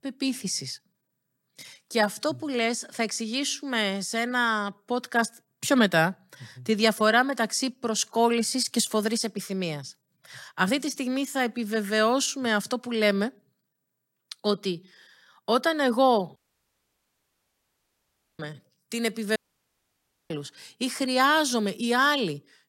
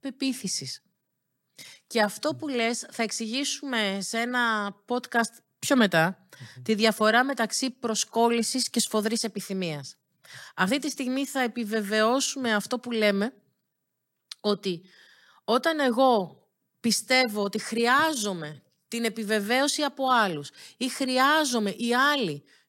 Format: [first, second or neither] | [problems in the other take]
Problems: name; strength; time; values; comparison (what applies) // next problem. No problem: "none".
second | audio cutting out; at 16 s for 2 s and at 19 s for 1 s